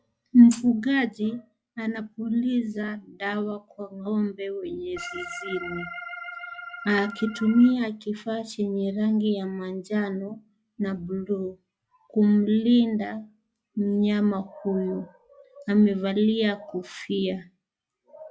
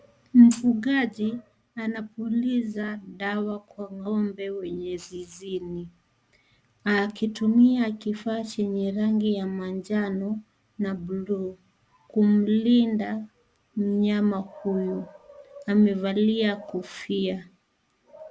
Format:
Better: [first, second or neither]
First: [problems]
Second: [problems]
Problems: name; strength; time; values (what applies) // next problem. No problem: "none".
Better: second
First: noise reduction (classical method log-MMSE)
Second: none